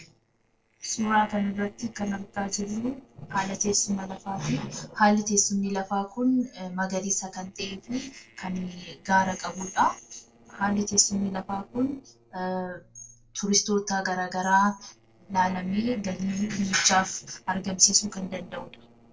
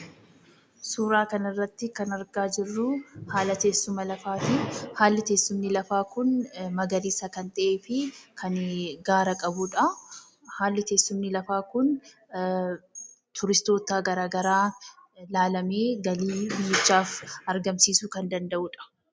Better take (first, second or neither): second